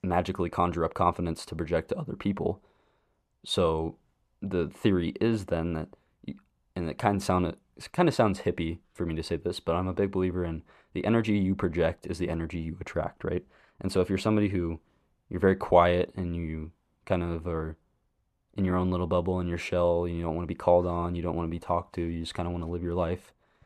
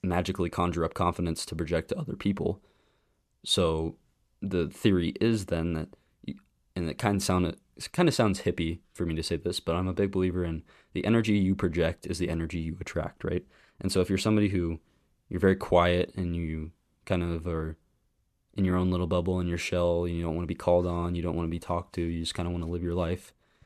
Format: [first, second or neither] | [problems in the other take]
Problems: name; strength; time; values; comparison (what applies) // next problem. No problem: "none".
second | muffled; slightly; fading above 3.5 kHz